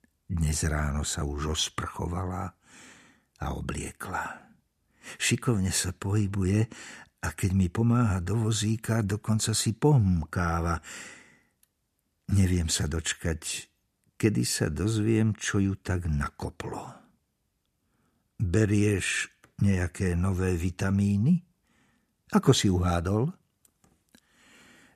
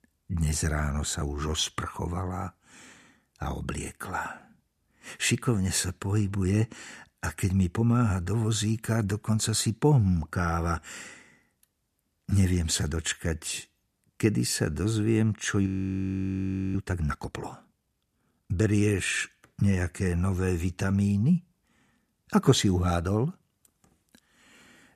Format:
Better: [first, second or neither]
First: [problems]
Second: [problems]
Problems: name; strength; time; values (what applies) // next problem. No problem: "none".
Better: first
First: none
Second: audio freezing; at 16 s for 1 s